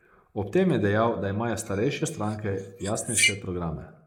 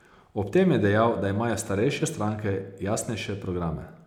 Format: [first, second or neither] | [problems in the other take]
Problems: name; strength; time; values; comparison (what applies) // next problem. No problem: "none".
second | noise reduction (neural mask model Resemble Enhance denoiser)